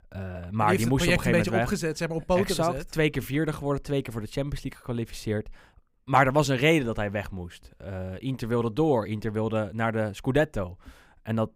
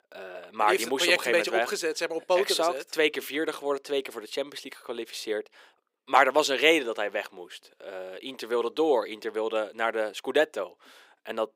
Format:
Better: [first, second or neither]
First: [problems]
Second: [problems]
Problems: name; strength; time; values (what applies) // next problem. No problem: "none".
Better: first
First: none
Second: thin; very; fading below 400 Hz